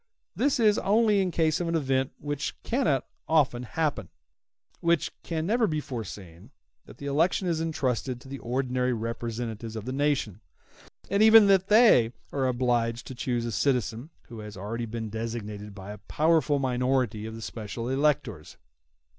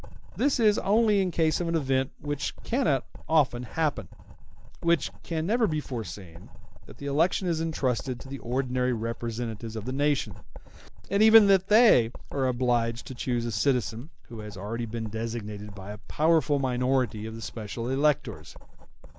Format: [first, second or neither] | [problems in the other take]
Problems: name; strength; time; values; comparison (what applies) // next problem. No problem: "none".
first | background sound (Writing); 9 dB below the speech